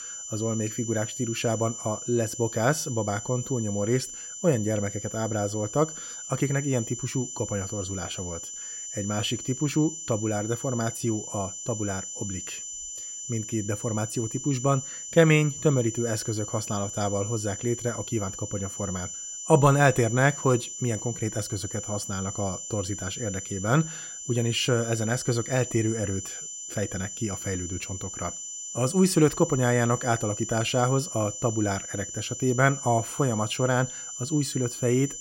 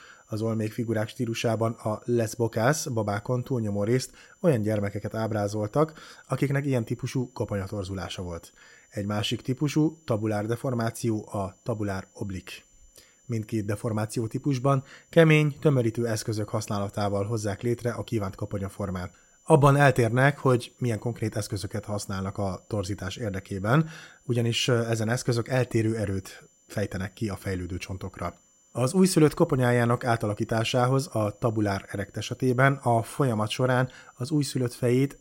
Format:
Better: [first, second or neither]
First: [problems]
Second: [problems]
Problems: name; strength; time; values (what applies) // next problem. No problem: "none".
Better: second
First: high-pitched whine; loud; throughout; 7 kHz, 7 dB below the speech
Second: high-pitched whine; faint; throughout; 7 kHz, 35 dB below the speech